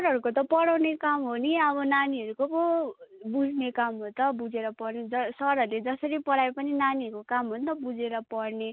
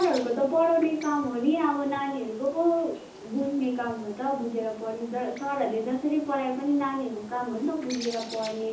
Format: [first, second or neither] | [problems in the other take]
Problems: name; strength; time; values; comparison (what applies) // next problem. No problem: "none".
first | background sound (Bird); 18 dB below the speech // room echo; dies away in 0.6 s